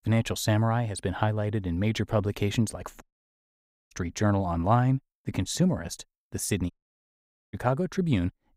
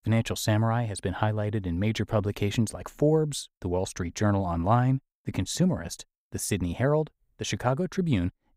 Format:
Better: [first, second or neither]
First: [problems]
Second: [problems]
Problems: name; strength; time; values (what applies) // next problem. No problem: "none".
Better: second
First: audio cutting out; at 3 s for 1 s and at 6.5 s for 1 s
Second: none